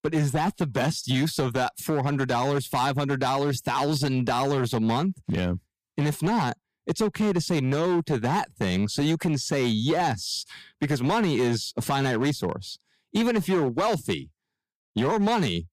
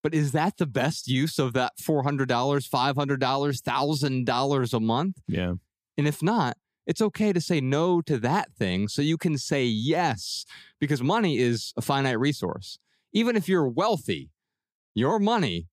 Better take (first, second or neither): second